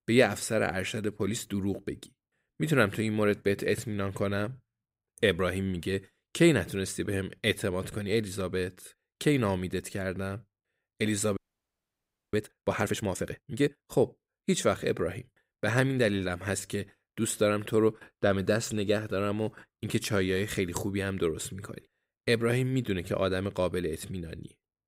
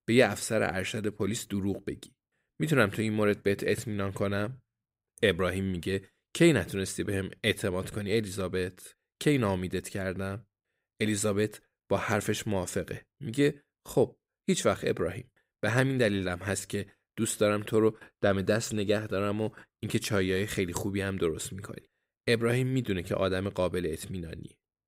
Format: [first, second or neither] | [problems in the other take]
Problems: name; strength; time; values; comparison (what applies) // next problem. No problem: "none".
second | audio freezing; at 11 s for 1 s